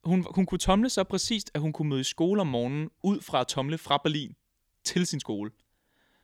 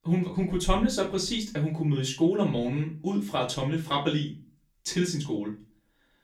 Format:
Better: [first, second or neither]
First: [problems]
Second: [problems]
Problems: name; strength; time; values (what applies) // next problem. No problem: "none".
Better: first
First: none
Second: room echo; slight; dies away in 0.3 s // off-mic speech; far